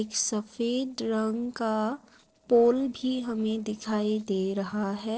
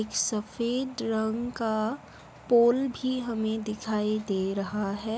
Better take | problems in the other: second | noise reduction (neural separator model SepFormer DNS4)

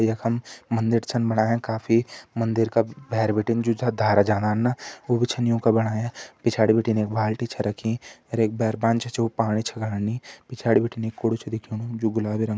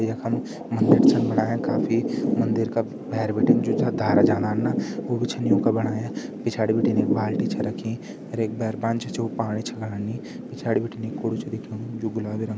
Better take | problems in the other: first | background sound (Thunder / Rain); 1 dB above the speech

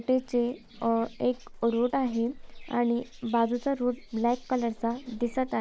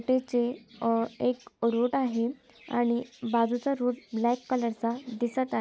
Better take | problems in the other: second | background sound (Livestock, farm animals, working animals); 18 dB below the speech

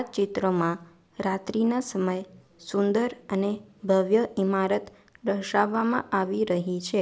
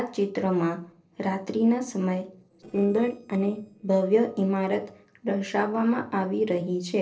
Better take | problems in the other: first | noise reduction (neural separator model SepFormer DNS4)

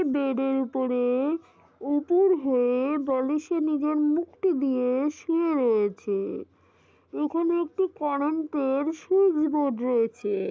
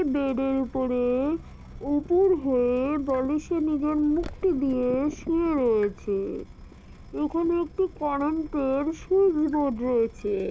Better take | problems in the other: first | background sound (Drip / Water tap, faucet); 17 dB below the speech

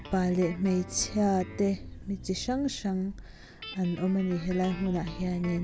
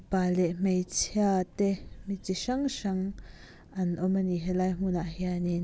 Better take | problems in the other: second | background sound (Guitar + Bass guitar); 15 dB below the speech

